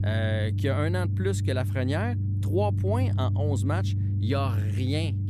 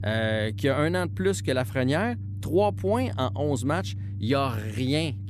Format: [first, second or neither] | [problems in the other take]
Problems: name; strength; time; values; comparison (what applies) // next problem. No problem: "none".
second | low rumble; loud; throughout; 9 dB below the speech; faint in the second